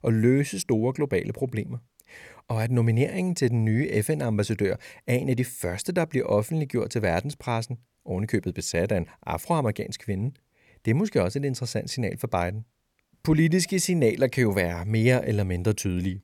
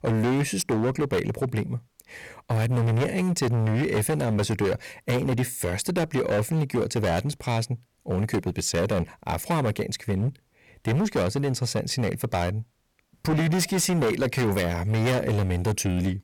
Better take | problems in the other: first | distortion; heavy; 19% of the sound clipped

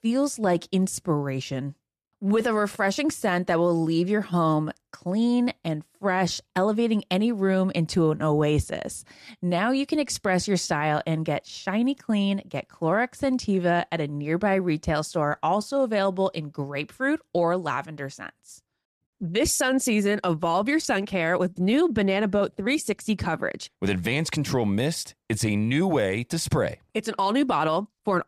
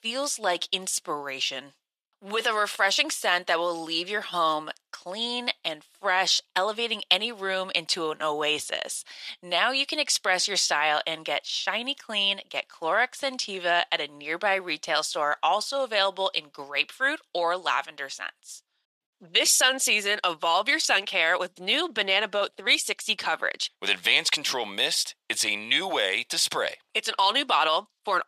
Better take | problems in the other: first | thin; very; fading below 750 Hz

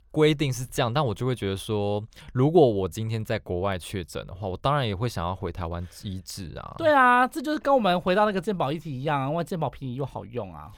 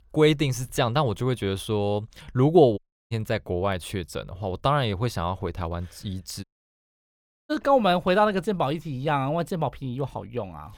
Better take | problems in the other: first | audio cutting out; at 3 s and at 6.5 s for 1 s

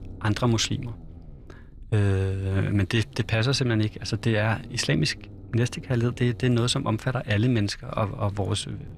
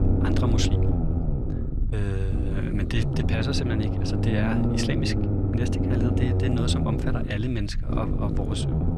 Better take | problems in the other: first | low rumble; loud; throughout; as loud as the speech; faint in the first

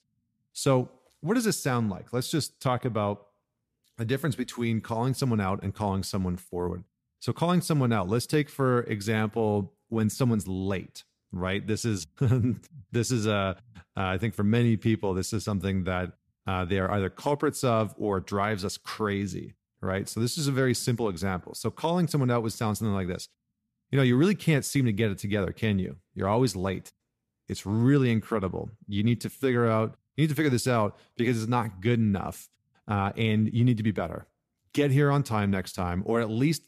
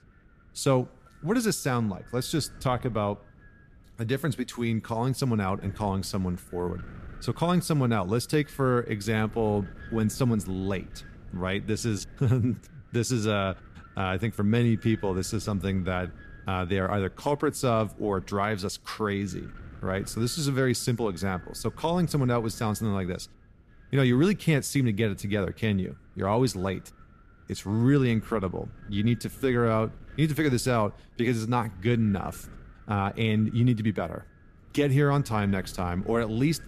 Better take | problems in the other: first | wind noise on the microphone; occasional gusts; 25 dB below the speech

